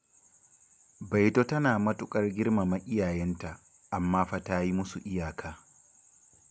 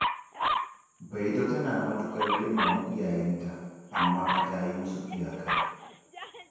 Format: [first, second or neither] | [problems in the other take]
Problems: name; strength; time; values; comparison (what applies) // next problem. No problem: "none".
first | background sound (Dog); 1 dB below the speech // room echo; dies away in 1.2 s